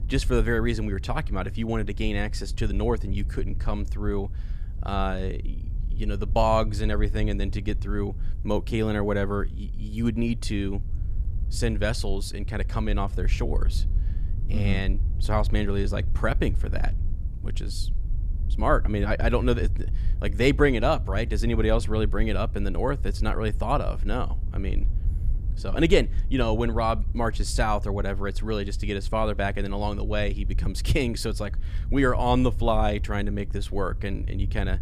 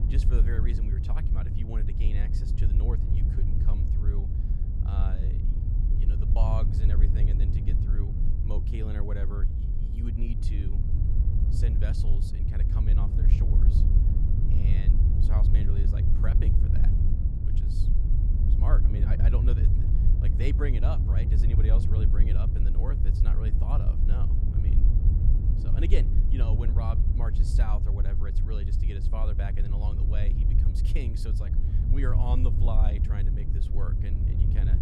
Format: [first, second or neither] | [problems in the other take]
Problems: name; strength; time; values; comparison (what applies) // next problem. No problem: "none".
first | wind noise on the microphone; heavy; 1 dB below the speech; occasional gusts in the first